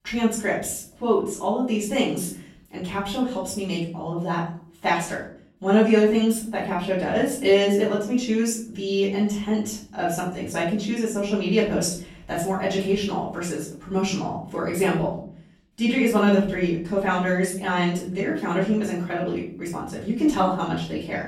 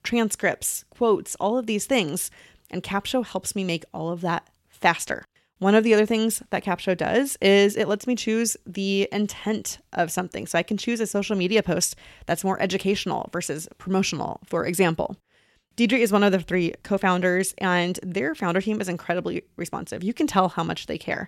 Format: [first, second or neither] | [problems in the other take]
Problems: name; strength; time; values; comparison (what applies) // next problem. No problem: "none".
second | room echo; noticeable; dies away in 0.5 s // off-mic speech; far